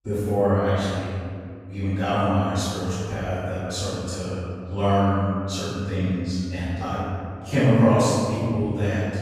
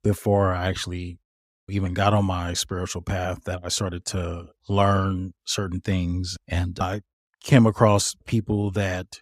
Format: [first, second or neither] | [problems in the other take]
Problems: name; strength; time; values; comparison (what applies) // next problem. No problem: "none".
second | off-mic speech; far // room echo; strong; dies away in 2.1 s